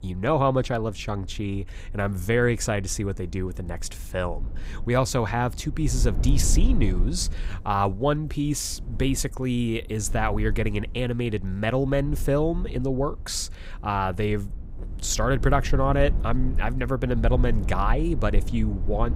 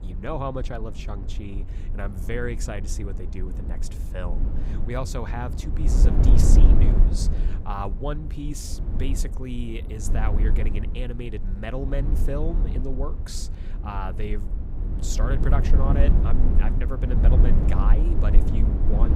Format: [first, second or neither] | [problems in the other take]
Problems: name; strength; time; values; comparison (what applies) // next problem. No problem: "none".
first | low rumble; loud; throughout; 4 dB below the speech; faint in the first